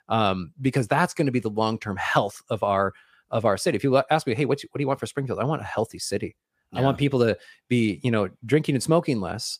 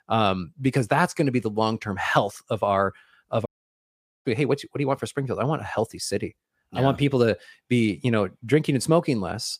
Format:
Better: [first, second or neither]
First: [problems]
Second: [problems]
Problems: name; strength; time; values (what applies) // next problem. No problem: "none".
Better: first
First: none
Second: audio cutting out; at 3.5 s for 1 s